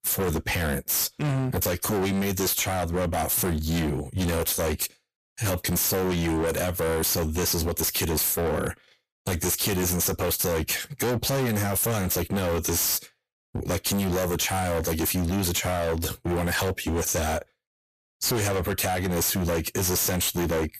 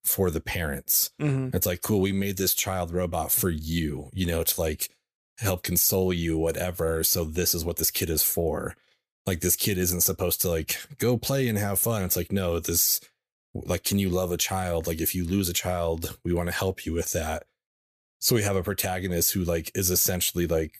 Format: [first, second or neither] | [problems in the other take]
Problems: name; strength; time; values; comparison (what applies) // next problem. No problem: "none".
second | distortion; heavy; 32% of the sound clipped